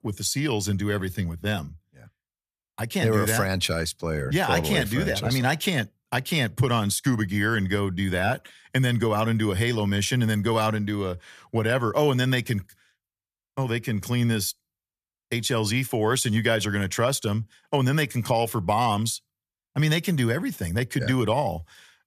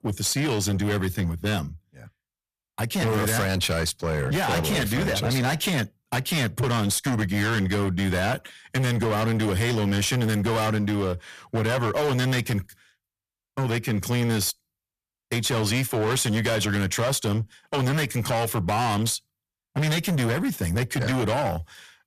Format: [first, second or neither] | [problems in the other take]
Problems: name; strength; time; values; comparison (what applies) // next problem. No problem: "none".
first | distortion; heavy; 26% of the sound clipped